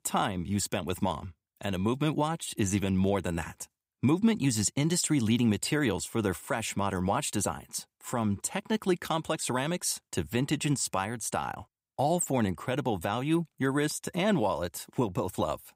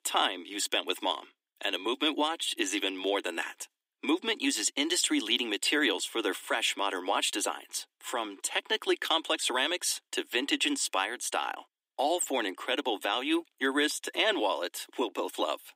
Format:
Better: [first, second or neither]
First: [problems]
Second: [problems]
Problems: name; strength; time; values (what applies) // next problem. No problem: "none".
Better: first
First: none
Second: thin; somewhat; fading below 300 Hz